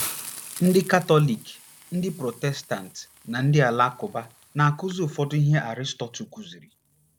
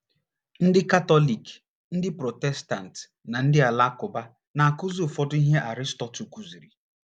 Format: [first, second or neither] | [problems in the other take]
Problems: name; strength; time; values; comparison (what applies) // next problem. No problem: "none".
second | background sound (Hiss); 17 dB below the speech